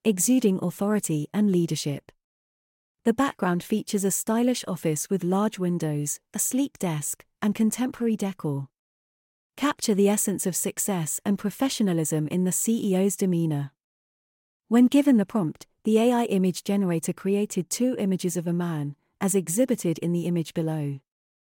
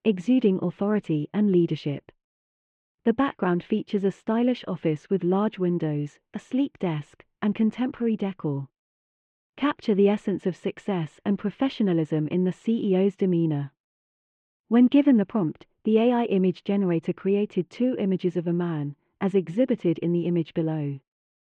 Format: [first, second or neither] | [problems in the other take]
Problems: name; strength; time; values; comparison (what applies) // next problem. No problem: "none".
first | muffled; very; fading above 3 kHz